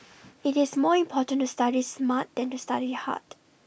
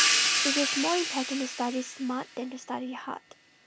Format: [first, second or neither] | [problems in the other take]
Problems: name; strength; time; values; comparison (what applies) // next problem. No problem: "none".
first | background sound (Crash cymbal / Hi-hat); 2 dB above the speech